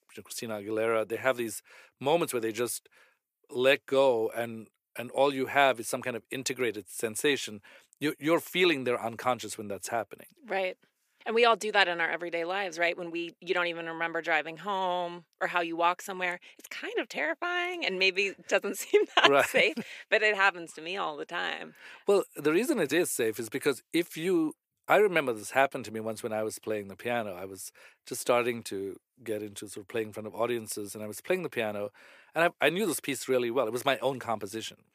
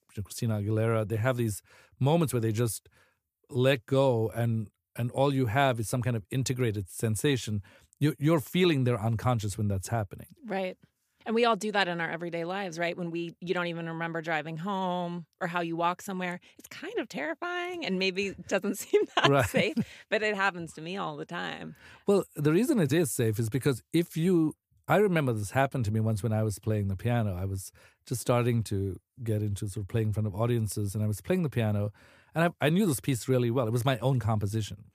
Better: second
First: thin; somewhat; fading below 400 Hz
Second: none

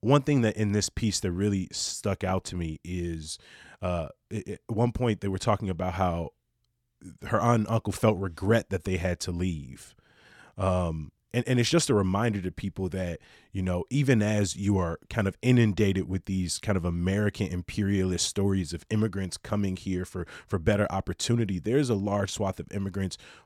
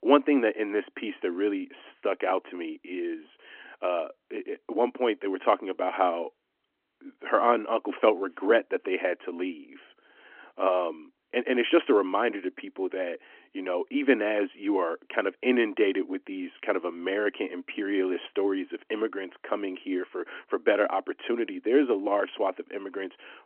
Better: first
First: none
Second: phone-call audio; nothing above 3 kHz

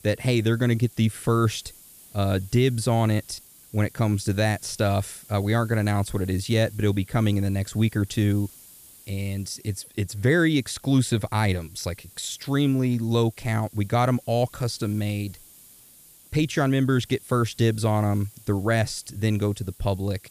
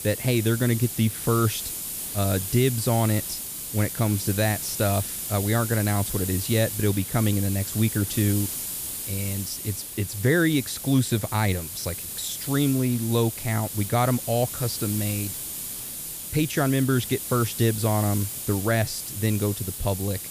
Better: first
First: hiss; faint; throughout; 25 dB below the speech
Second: hiss; loud; throughout; 5 dB below the speech

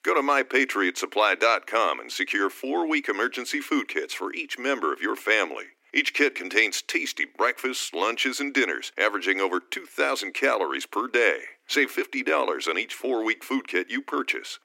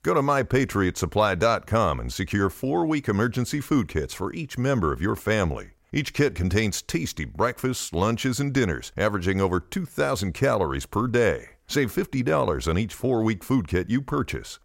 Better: second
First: thin; somewhat; fading below 250 Hz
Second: none

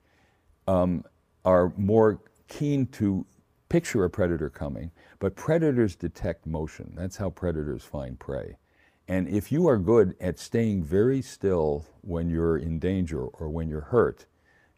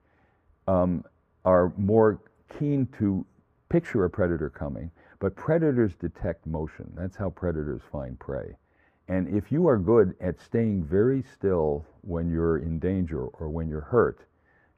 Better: first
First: none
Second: muffled; very; fading above 3 kHz

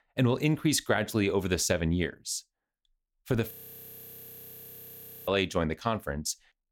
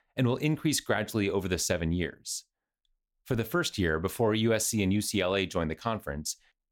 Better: second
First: audio freezing; at 3.5 s for 2 s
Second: none

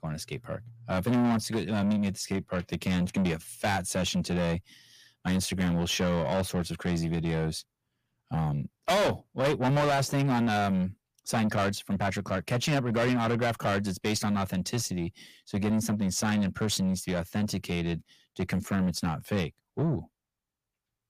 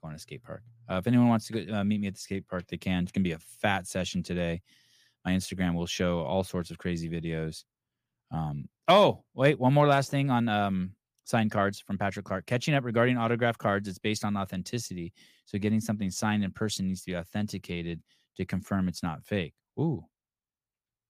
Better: second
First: distortion; heavy; 6 dB below the speech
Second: none

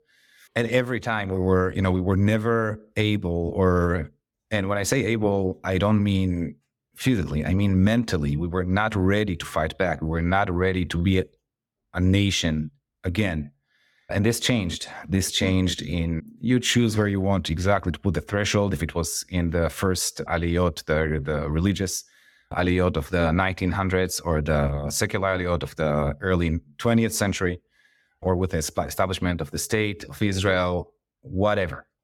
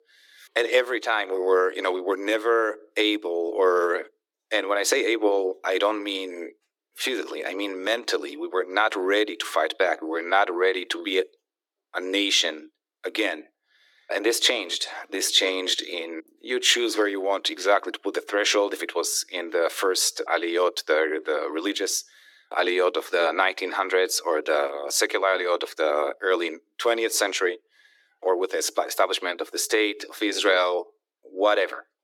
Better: first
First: none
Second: thin; very; fading below 300 Hz

